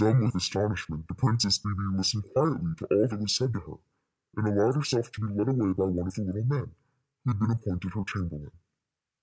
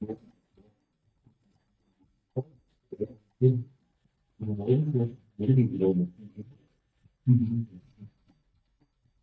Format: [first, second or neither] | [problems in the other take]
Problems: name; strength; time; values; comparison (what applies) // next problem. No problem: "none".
first | noise reduction (neural mask model DeepFilterNet 3)